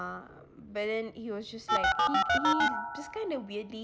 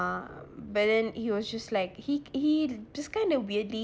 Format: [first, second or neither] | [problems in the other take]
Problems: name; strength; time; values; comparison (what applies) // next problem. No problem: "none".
second | background sound (Telephone); 5 dB above the speech